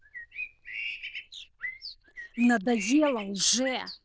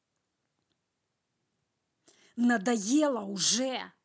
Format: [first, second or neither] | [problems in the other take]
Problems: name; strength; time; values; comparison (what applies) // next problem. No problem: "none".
second | noise reduction (neural diffusion model UNIVERSE++)